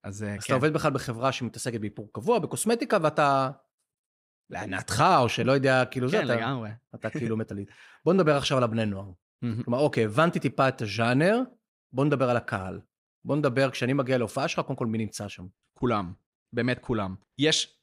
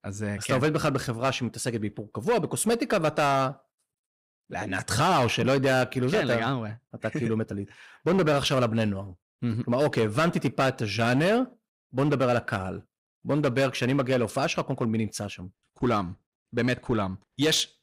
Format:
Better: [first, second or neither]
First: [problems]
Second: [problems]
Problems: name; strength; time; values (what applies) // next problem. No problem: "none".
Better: first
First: none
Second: distortion; slight; 7% of the sound clipped